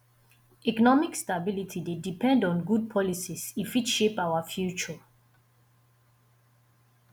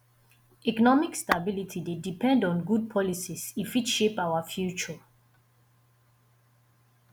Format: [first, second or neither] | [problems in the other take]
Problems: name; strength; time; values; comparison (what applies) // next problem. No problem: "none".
first | background sound (Tap / Glass); 7 dB below the speech